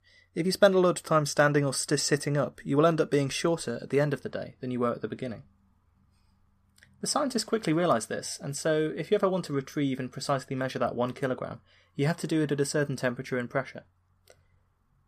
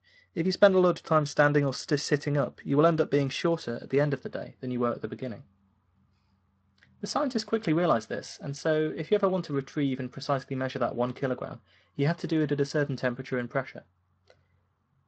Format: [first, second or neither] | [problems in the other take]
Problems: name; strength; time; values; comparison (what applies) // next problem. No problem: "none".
first | garbled, watery; slightly; nothing above 8 kHz